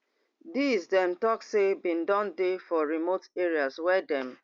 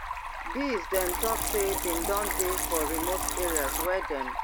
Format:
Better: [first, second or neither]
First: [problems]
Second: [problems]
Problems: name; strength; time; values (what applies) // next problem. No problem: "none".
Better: first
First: none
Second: background sound (Liquid + Stream); 1 dB above the speech